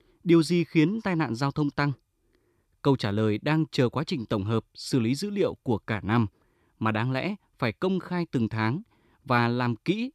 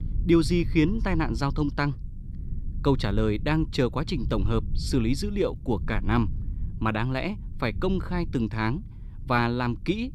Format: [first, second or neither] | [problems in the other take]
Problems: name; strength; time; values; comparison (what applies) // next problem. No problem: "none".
first | low rumble; faint; throughout; 20 dB below the speech